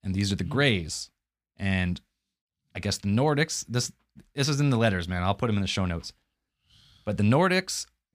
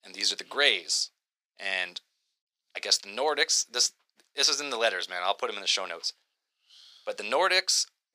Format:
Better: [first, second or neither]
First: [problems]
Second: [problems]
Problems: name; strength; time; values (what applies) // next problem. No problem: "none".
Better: first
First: none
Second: thin; very; fading below 450 Hz